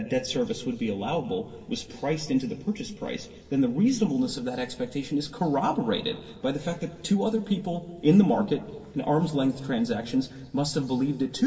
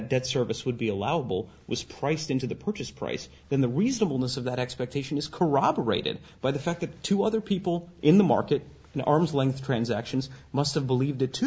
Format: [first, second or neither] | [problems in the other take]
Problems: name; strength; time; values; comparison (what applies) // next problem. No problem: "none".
second | room echo; dies away in 2.7 s